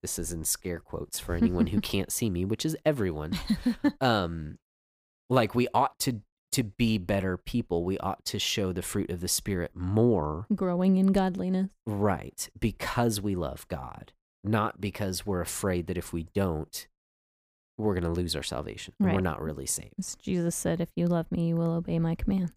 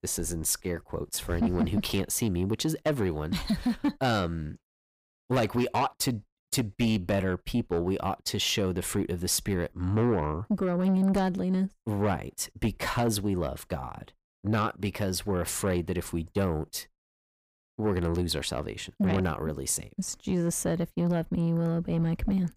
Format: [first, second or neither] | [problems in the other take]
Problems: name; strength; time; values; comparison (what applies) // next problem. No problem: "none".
first | distortion; slight; 10 dB below the speech